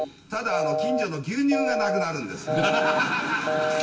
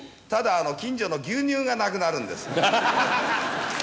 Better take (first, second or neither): second